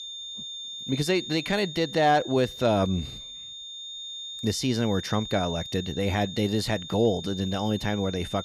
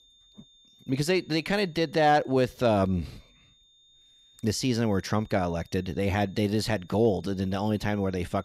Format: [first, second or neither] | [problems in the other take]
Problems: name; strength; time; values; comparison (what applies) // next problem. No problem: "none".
second | high-pitched whine; loud; throughout; 3.5 kHz, 10 dB below the speech; faint in the second